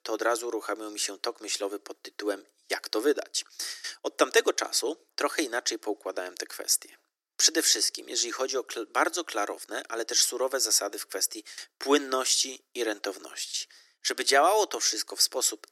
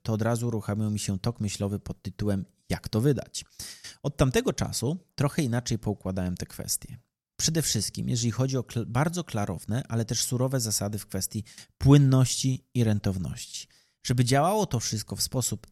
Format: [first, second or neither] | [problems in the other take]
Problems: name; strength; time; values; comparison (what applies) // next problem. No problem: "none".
second | thin; very; fading below 300 Hz